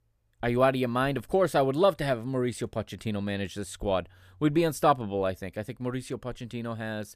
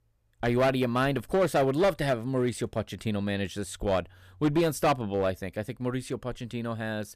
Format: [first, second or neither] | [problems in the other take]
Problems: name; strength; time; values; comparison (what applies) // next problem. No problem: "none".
first | distortion; slight; 4% of the sound clipped